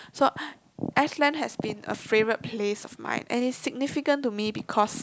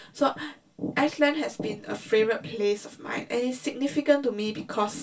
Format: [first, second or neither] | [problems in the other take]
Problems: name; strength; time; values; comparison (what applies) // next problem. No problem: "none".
first | room echo; dies away in 0.2 s